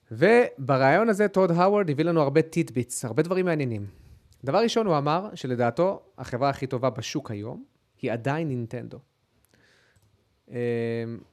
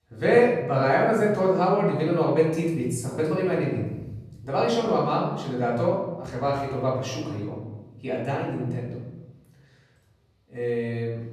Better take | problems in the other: first | off-mic speech; far // room echo; noticeable; dies away in 1 s

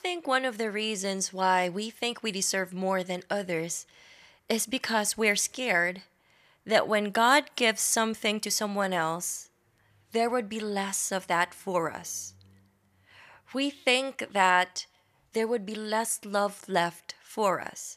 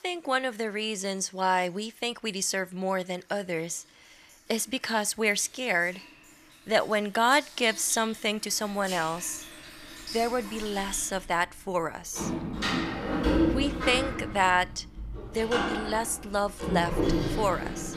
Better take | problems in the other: first | household noises; loud; throughout; 4 dB below the speech

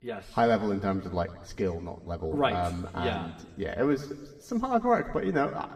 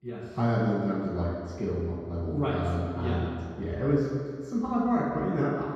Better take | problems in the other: first | room echo; strong; dies away in 2 s; slight in the first // off-mic speech; far

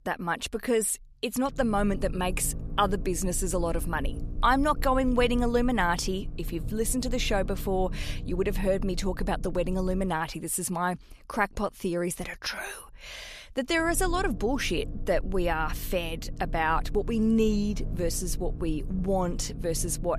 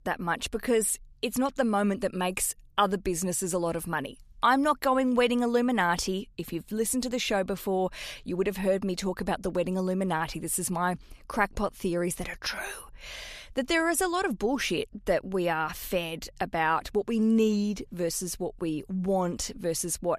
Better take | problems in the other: second | low rumble; faint; from 1.5 to 10 s and from 14 s on; 20 dB below the speech

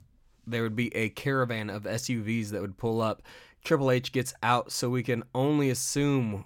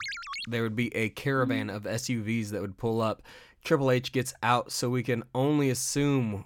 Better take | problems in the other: first | phone ringing; noticeable; at the start and at 1.5 s; peak 5 dB below the speech

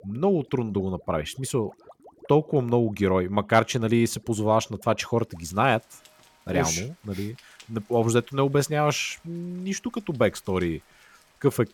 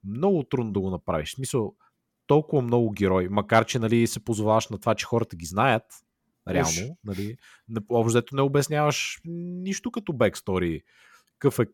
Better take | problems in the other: second | rain or running water; faint; throughout; 30 dB below the speech

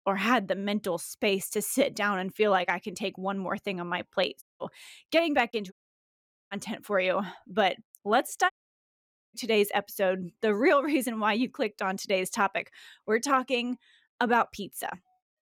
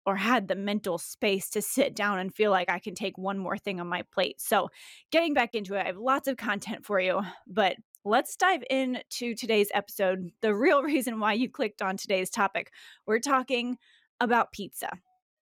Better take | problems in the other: second | audio cutting out; at 4.5 s, at 5.5 s for 1 s and at 8.5 s for 1 s

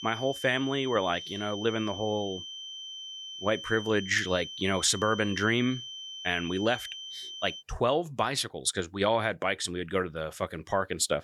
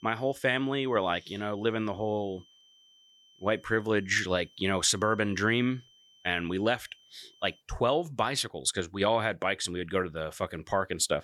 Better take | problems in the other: second | high-pitched whine; loud; until 7.5 s; 3 kHz, 9 dB below the speech; faint in the second

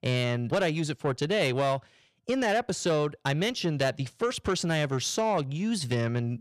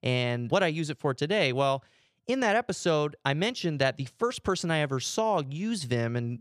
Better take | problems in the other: second | distortion; slight; 10 dB below the speech

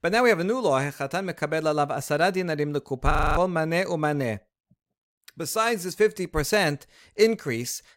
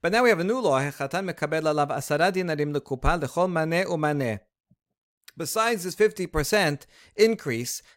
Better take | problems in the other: second | audio freezing; at 3 s

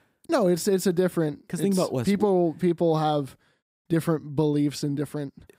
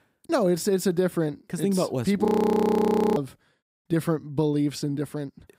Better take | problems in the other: first | audio freezing; at 2.5 s for 1 s

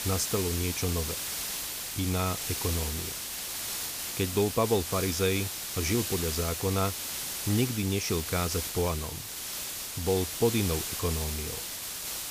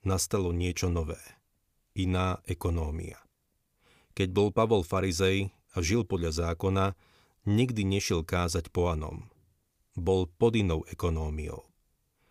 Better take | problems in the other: second | hiss; loud; throughout; 2 dB below the speech

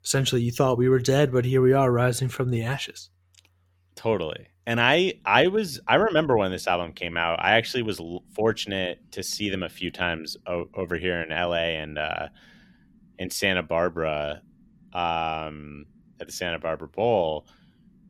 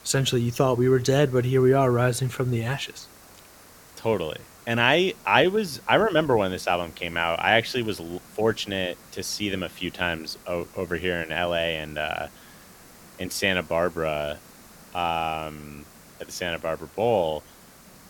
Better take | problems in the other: first | hiss; faint; throughout; 25 dB below the speech

